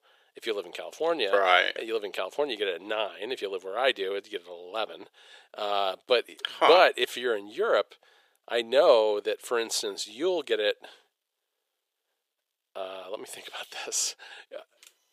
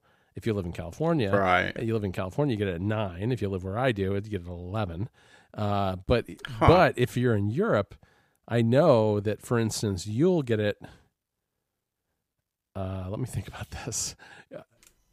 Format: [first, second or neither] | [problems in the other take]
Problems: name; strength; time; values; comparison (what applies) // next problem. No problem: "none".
second | thin; very; fading below 450 Hz